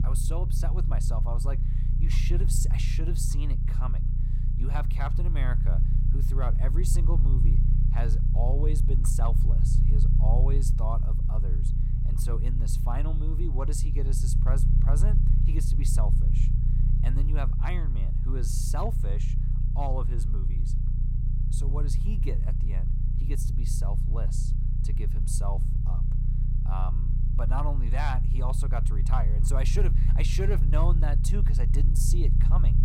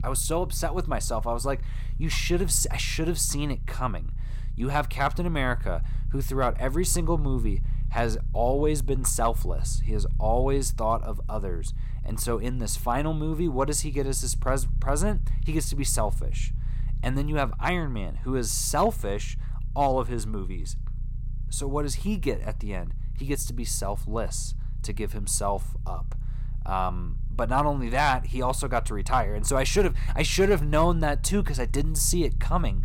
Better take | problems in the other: second | low rumble; loud; throughout; 4 dB below the speech; faint in the second

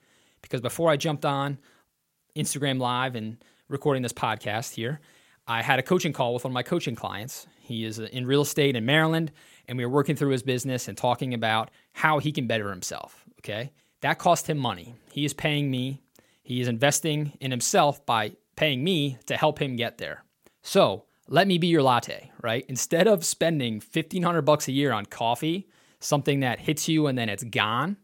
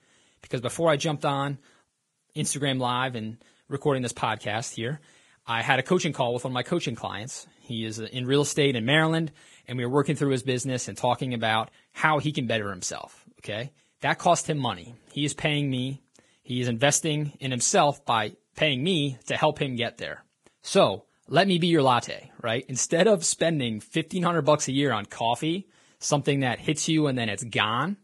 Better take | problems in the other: first | garbled, watery; badly; nothing above 10.5 kHz

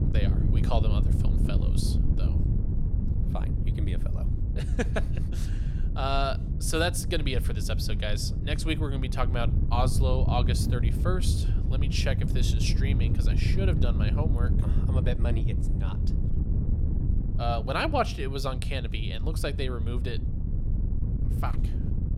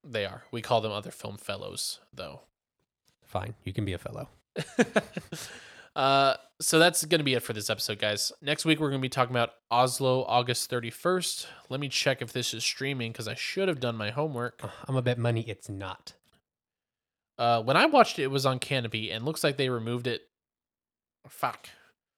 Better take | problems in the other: second | wind noise on the microphone; heavy; 8 dB below the speech

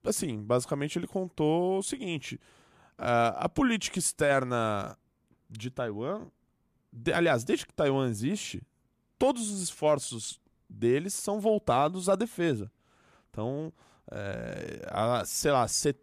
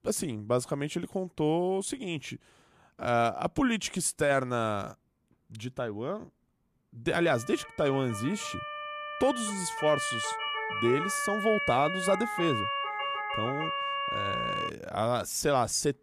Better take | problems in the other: first | siren; noticeable; from 7 to 15 s; peak level with the speech

